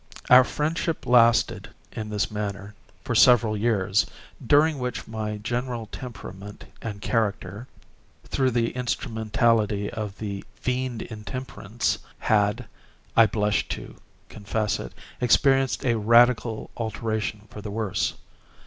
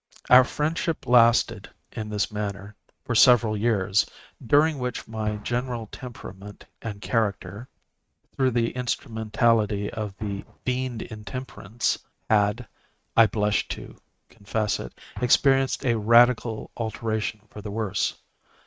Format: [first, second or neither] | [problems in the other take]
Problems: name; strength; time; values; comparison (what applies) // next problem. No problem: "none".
first | noise reduction (neural mask model RNNoise)